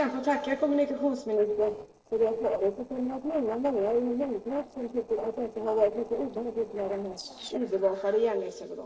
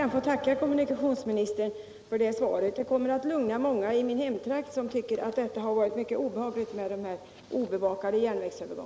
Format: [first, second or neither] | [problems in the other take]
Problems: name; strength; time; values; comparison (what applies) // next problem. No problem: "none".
second | noise reduction (neural separator model SepFormer DNS4)